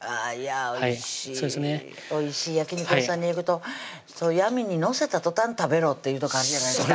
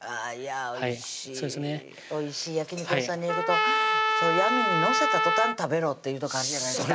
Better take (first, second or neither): first